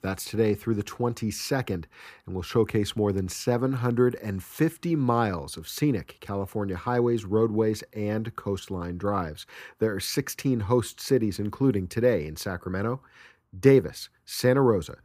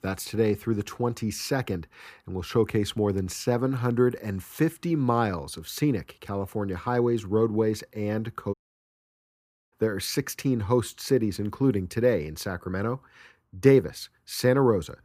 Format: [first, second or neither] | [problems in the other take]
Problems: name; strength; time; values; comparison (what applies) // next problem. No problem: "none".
first | audio cutting out; at 8.5 s for 1 s